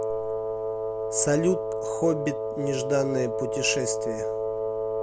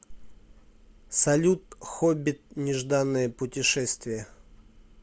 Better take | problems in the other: second | background sound (Wind instrument, woodwind instrument); as loud as the speech

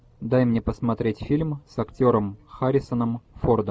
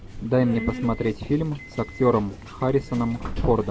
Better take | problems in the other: first | background sound (Subway, metro, underground); 10 dB below the speech

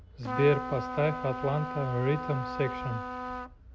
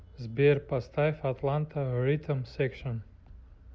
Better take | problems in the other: second | background sound (Trumpet); 6 dB below the speech

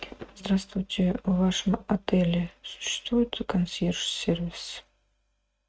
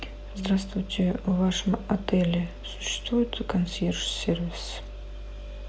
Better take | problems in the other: second | noise reduction (neural mask model RNNoise)

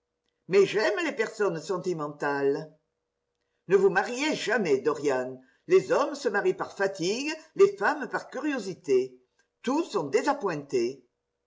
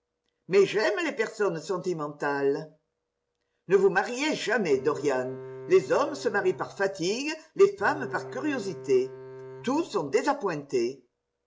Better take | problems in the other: first | background sound (Bowed string instrument); 14 dB below the speech

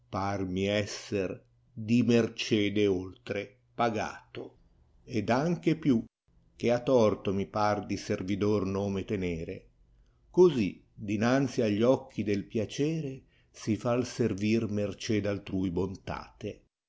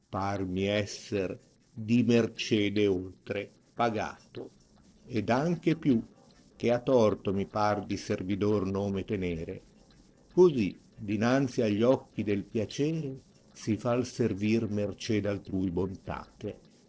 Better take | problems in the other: first | noise reduction (neural separator model SepFormer DNS4)

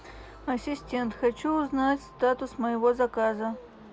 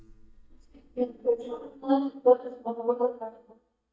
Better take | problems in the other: first | noise reduction (neural mask model DeepFilterNet 3)

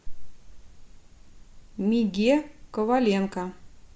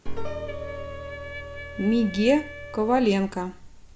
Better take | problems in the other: first | background sound (Wind instrument, woodwind instrument + Piano); 12 dB below the speech

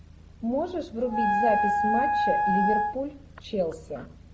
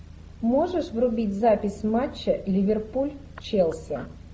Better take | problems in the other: second | background sound (Wind instrument, woodwind instrument); 4 dB above the speech

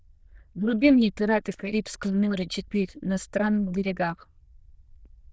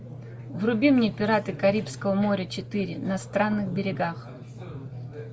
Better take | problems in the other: second | noise reduction (neural diffusion model UNIVERSE++)

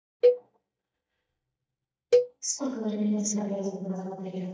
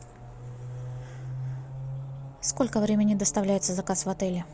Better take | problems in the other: second | noise reduction (neural mask model DeepFilterNet 3)

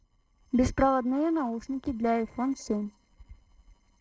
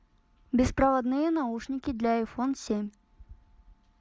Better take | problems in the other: second | noise reduction (neural separator model SepFormer DNS4)

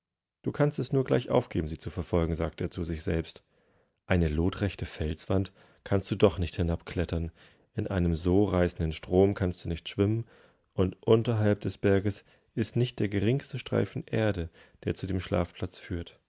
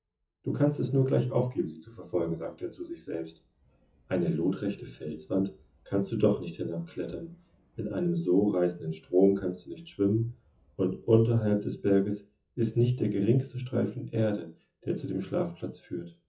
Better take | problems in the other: first | noise reduction (classical method WPE with log-MMSE)

